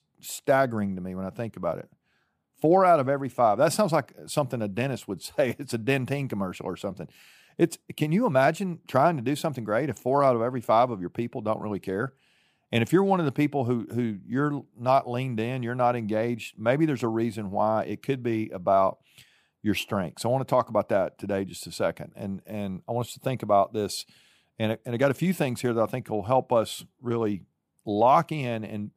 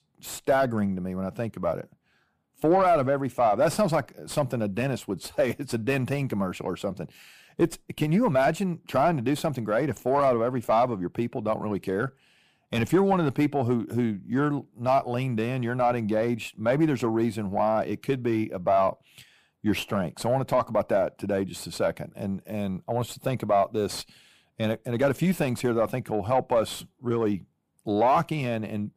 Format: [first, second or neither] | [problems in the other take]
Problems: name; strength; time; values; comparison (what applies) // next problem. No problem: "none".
first | distortion; slight; 10 dB below the speech